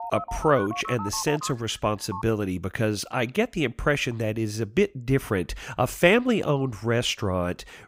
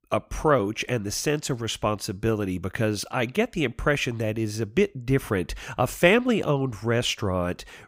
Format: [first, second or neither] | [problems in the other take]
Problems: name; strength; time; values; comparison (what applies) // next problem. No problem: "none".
second | phone ringing; noticeable; until 2 s; peak 9 dB below the speech